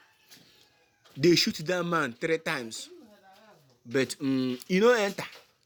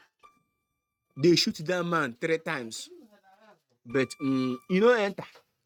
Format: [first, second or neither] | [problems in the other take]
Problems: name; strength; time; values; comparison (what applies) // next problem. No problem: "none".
first | noise reduction (neural mask model RNNoise)